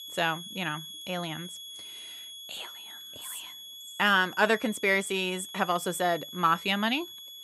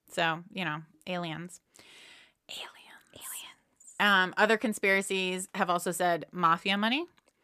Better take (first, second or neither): second